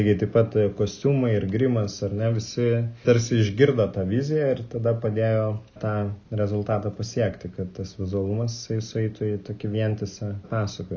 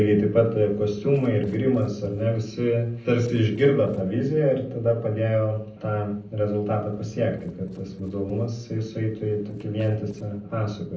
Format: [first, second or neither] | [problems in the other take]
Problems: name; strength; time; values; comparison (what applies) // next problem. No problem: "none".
first | noise reduction (neural separator model SepFormer DNS4)